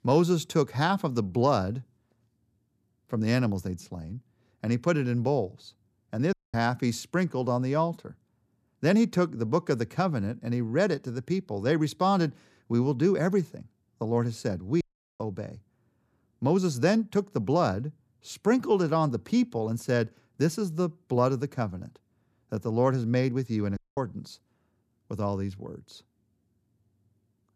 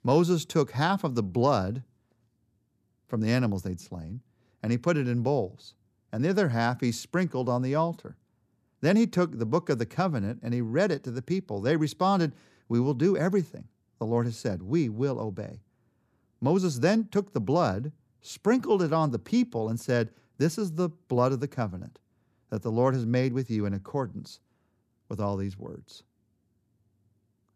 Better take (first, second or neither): second